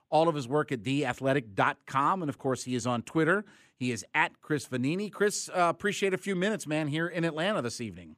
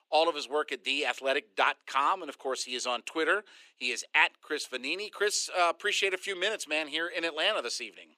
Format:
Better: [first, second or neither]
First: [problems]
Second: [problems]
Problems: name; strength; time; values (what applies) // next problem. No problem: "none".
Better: first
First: none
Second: thin; very; fading below 400 Hz